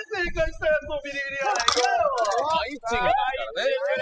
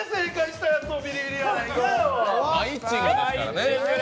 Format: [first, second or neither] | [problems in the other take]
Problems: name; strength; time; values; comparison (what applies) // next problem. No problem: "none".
second | noise reduction (classical method spectral subtraction)